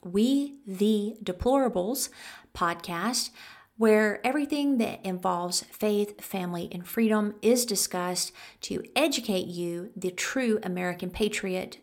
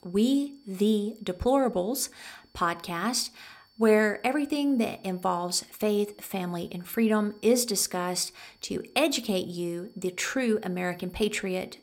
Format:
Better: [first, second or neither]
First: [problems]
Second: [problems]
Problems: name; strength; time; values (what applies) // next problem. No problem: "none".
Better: first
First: none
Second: high-pitched whine; faint; throughout; 4.5 kHz, 35 dB below the speech